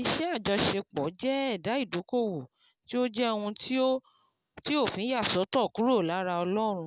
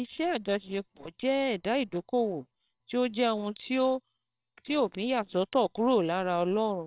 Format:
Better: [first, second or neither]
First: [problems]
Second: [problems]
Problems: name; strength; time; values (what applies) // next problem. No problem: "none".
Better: first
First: none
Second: noise reduction (neural separator model SepFormer WHAMR!)